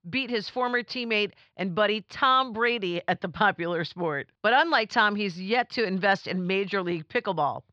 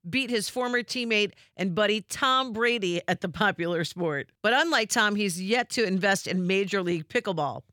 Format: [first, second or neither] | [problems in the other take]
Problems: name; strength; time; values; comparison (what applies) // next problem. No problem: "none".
second | muffled; very slightly; fading above 4.5 kHz